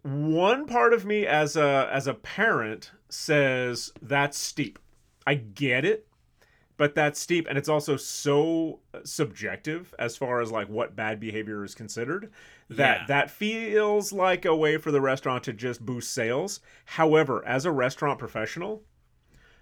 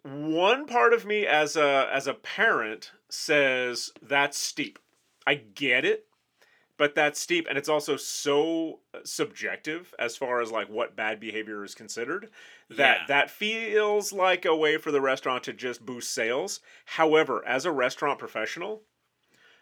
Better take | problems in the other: first | thin; very slightly; fading below 300 Hz

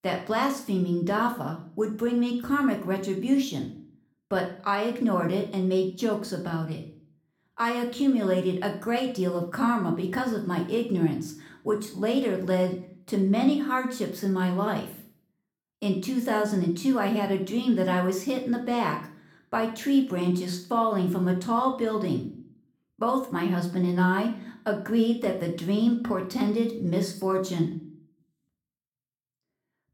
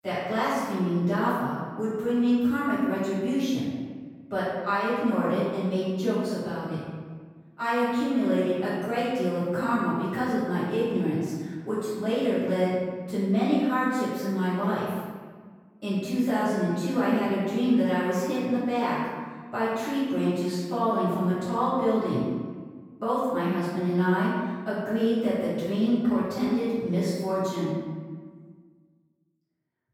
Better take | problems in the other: first | room echo; strong; dies away in 1.3 s; slight in the first // off-mic speech; far; somewhat distant in the first

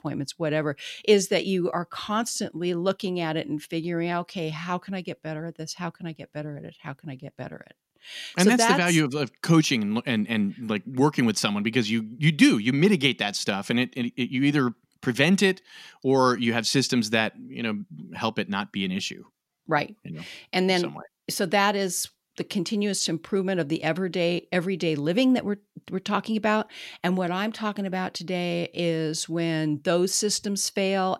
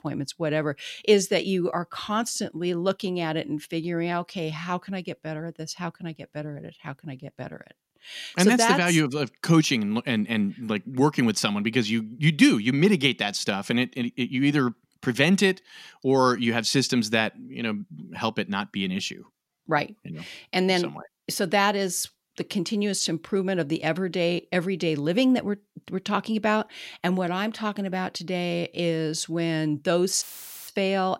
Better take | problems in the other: first | audio cutting out; filled with static; at 30 s

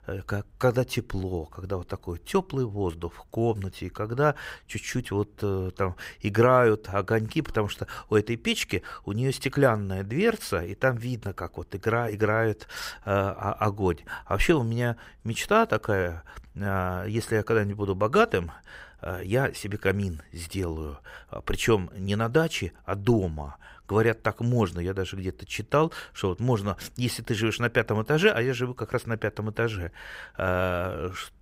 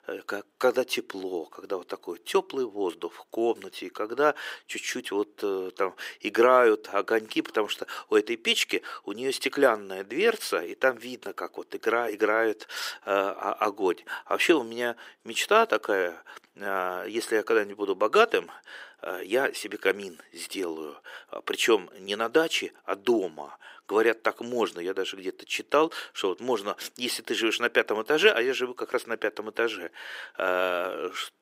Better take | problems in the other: first | thin; somewhat; fading below 300 Hz

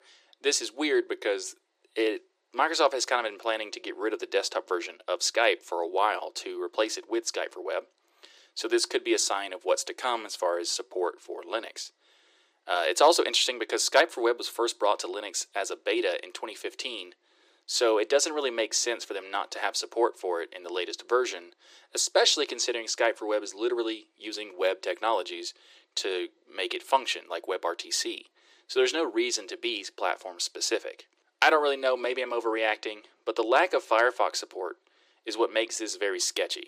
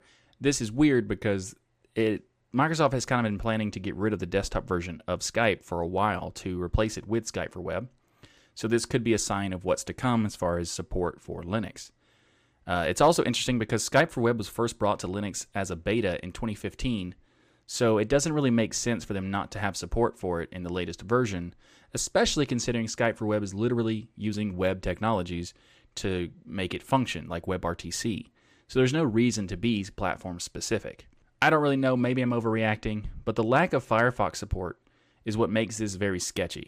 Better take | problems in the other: second | thin; very; fading below 350 Hz

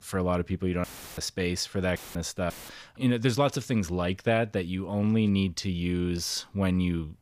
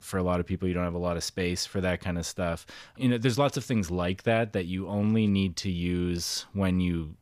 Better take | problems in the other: second | audio cutting out; filled with static; at 1 s, at 2 s and at 2.5 s

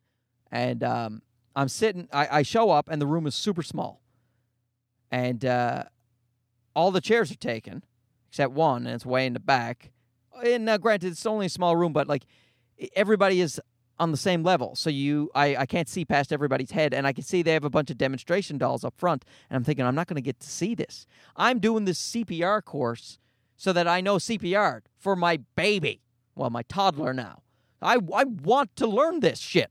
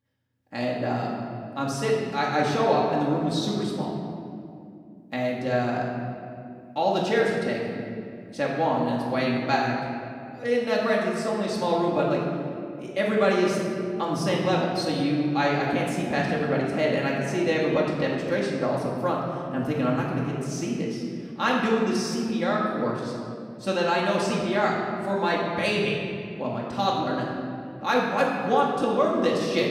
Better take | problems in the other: first | off-mic speech; far // room echo; noticeable; dies away in 2.2 s

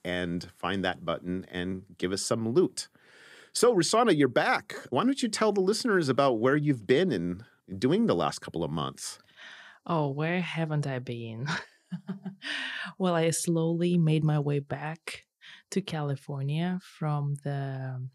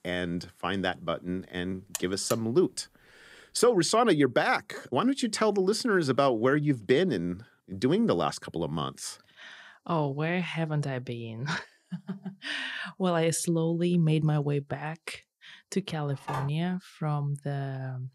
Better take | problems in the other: first | alarm; noticeable; at 2 s; peak 8 dB below the speech // phone ringing; noticeable; at 16 s; peak 9 dB below the speech

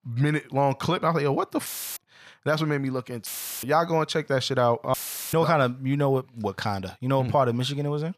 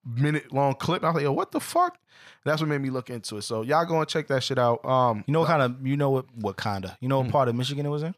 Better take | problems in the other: second | audio cutting out; filled with static; at 1.5 s, at 3.5 s and at 5 s

